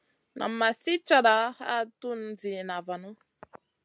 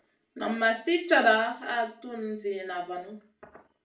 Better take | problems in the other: first | room echo; dies away in 0.4 s

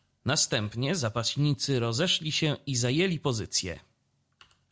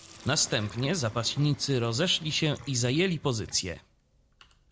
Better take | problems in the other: first | background sound (Sink (filling or washing)); 20 dB below the speech

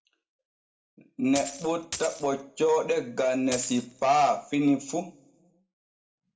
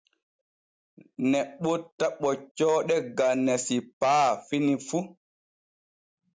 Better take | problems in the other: second | background sound (Coin (dropping)); 10 dB below the speech // room echo; dies away in 0.4 s

